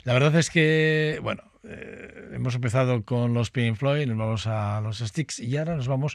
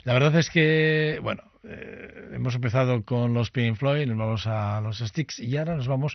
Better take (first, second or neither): first